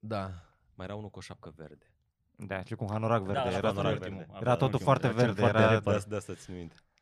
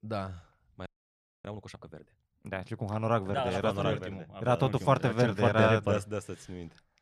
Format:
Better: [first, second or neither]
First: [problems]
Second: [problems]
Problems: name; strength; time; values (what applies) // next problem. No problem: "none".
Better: first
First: none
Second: audio freezing; at 1 s for 0.5 s